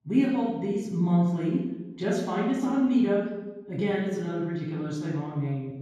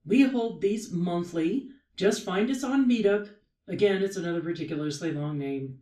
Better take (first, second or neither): second